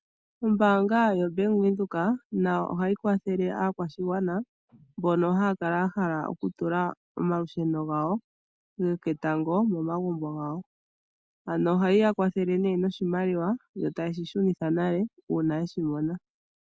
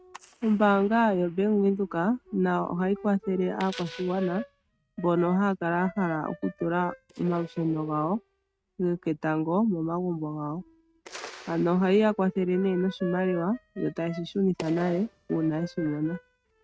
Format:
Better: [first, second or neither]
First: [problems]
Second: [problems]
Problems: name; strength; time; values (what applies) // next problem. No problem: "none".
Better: first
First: none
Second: noise reduction (neural mask model RNNoise)